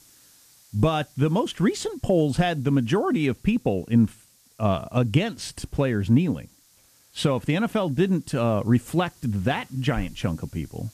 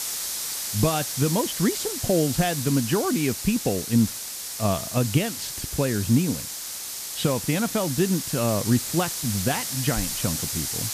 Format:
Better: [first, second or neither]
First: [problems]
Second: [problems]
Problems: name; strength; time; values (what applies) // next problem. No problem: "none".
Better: first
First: hiss; faint; throughout; 30 dB below the speech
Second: hiss; loud; throughout; 4 dB below the speech